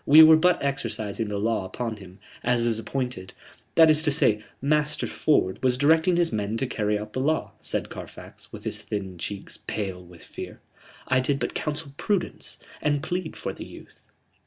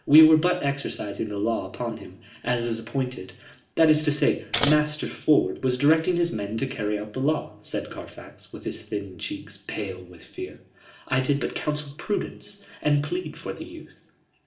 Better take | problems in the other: first | background sound (Scissors); 1 dB below the speech // room echo; dies away in 0.5 s

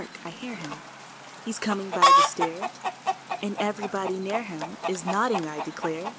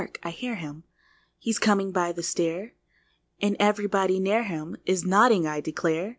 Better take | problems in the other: second | background sound (Chicken, rooster); 4 dB above the speech

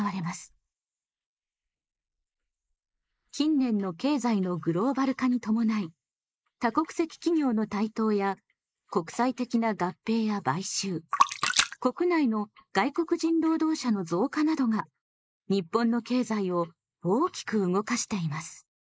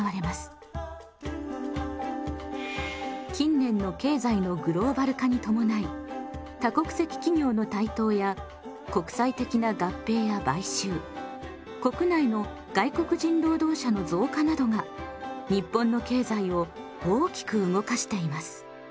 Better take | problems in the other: second | noise reduction (neural mask model Resemble Enhance denoiser)

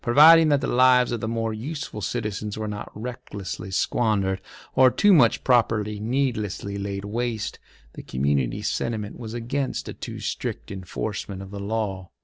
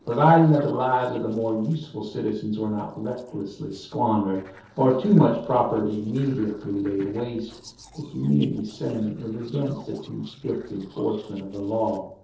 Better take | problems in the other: first | noise reduction (neural separator model SepFormer DNS4)

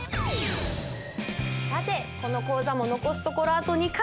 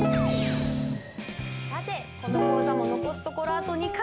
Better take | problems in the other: first | background sound (Guitar); 3 dB above the speech

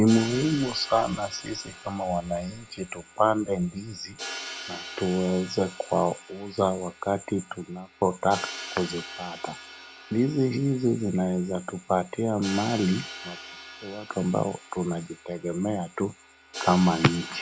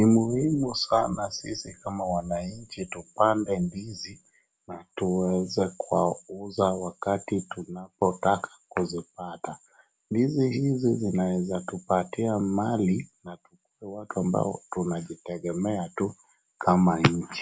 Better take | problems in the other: second | background sound (Crash cymbal); 14 dB below the speech

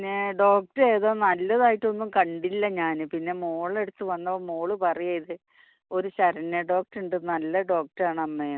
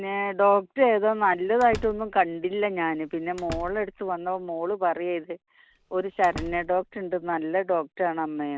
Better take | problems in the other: first | background sound (Slam); 17 dB below the speech

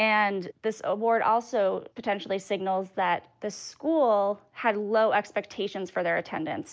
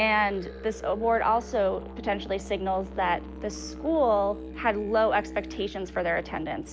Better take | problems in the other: first | background sound (Musical instrument); 12 dB below the speech

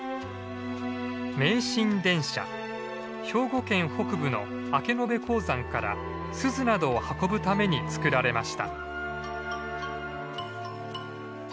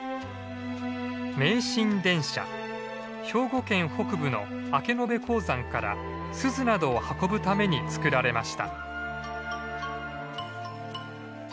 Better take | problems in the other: second | background sound (Wind instrument, woodwind instrument); 15 dB below the speech

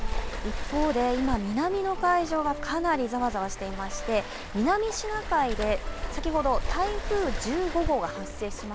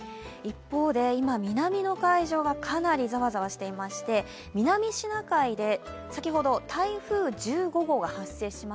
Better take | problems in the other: second | background sound (Waves, surf); 5 dB below the speech

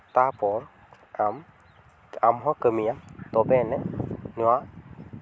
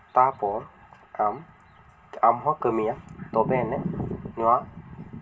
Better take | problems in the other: first | room echo; dies away in 0.2 s

